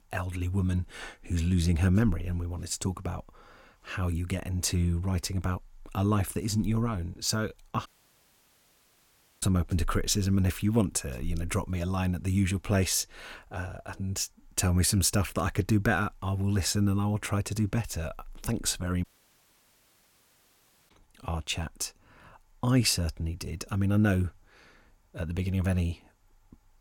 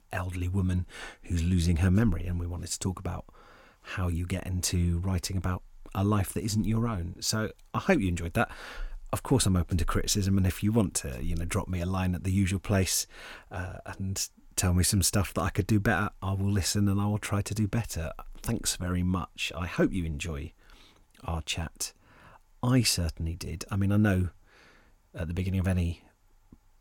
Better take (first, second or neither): second